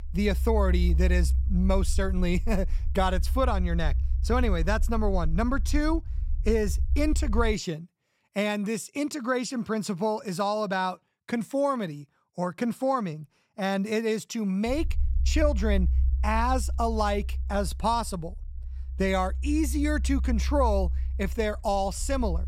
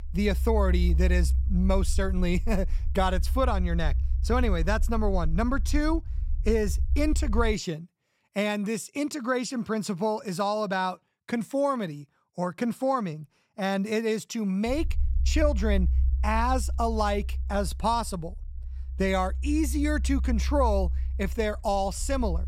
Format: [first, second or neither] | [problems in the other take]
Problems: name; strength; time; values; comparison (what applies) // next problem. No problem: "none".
neither | low rumble; faint; until 7.5 s and from 15 s on; 20 dB below the speech; the same in both